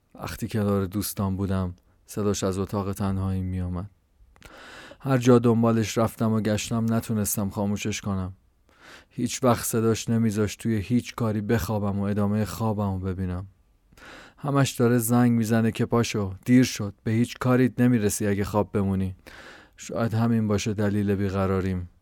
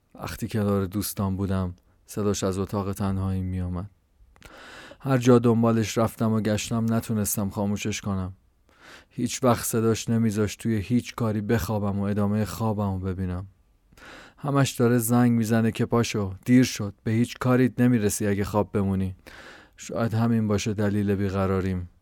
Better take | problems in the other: neither | none

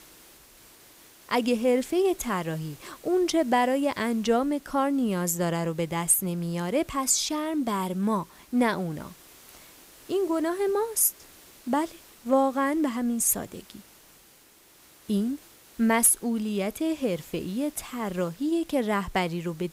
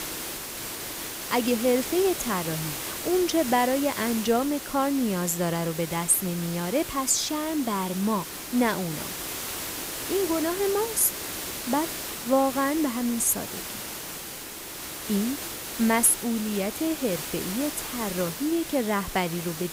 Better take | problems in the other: first | hiss; loud; throughout; 7 dB below the speech; faint in the first

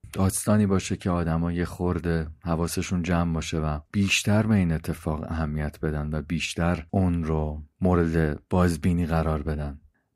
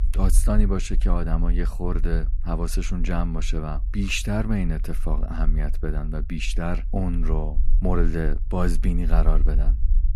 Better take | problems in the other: first | low rumble; noticeable; throughout; 20 dB below the speech

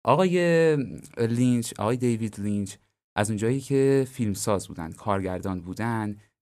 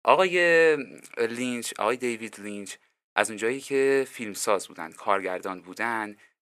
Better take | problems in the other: first | thin; somewhat; fading below 450 Hz

